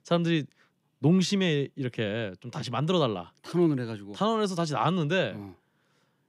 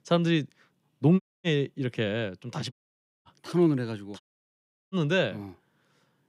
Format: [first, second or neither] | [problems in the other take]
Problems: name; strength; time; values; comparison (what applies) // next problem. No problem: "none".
first | audio cutting out; at 1 s, at 2.5 s for 0.5 s and at 4 s for 0.5 s